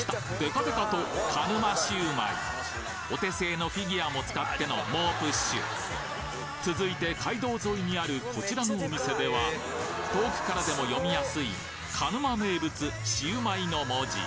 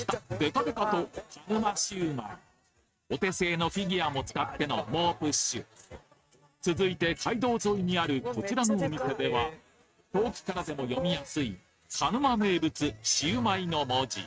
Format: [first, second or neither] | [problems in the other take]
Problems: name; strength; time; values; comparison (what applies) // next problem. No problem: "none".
first | noise reduction (neural mask model RNNoise)